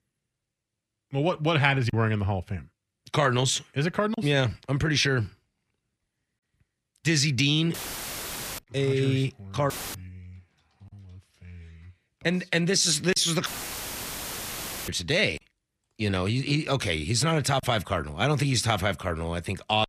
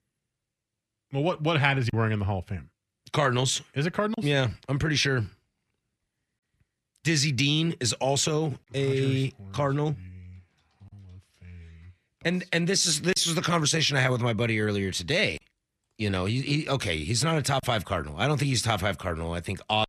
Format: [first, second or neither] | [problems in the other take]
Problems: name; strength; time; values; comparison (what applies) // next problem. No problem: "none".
second | audio cutting out; filled with static; at 7.5 s for 1 s, at 9.5 s and at 13 s for 1.5 s